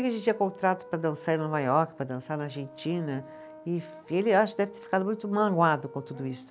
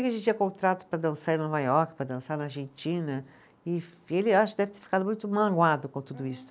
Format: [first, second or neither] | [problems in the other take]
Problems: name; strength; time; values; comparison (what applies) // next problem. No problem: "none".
second | background sound (Brass instrument); 19 dB below the speech